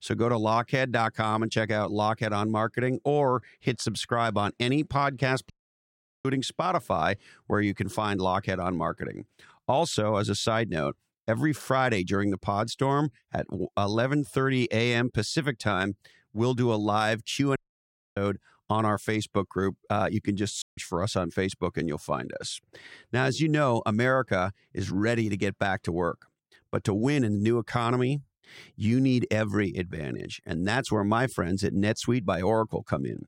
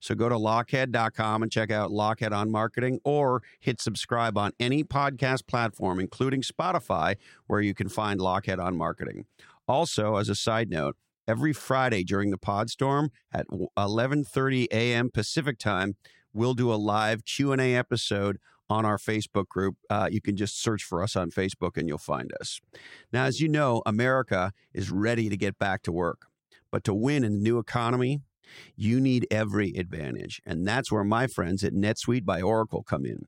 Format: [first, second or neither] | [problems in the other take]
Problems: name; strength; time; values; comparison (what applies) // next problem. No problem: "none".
second | audio cutting out; at 5.5 s for 1 s, at 18 s for 0.5 s and at 21 s